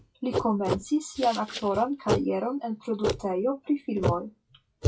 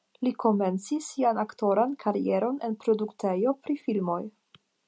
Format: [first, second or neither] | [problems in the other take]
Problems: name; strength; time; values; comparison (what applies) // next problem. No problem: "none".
second | noise reduction (classical method WPE with log-MMSE)